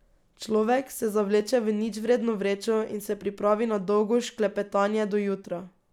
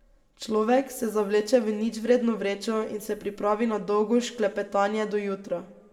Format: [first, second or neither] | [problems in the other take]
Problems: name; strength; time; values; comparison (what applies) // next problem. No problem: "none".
first | room echo; dies away in 1.5 s